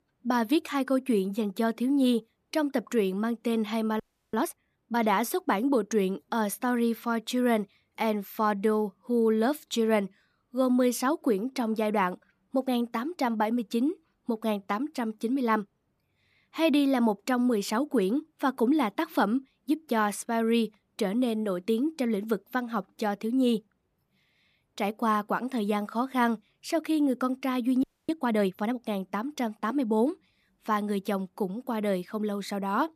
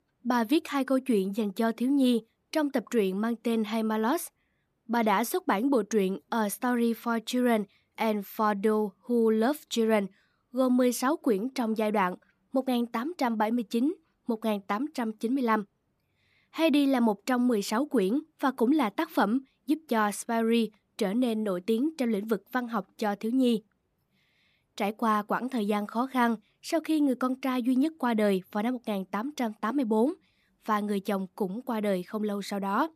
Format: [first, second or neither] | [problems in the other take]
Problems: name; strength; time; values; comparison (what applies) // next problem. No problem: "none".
second | audio freezing; at 4 s and at 28 s